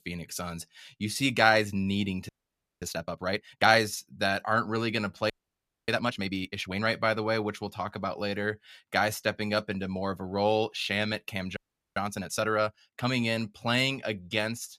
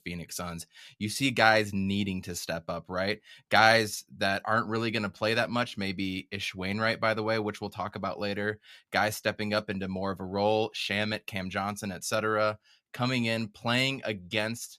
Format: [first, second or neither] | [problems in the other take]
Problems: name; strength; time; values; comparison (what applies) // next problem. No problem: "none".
second | audio freezing; at 2.5 s for 0.5 s, at 5.5 s for 0.5 s and at 12 s